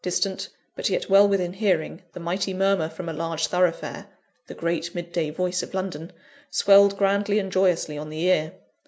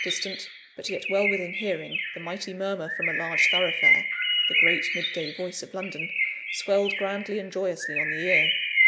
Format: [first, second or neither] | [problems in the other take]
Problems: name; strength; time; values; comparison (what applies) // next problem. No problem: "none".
first | background sound (Bird); 4 dB above the speech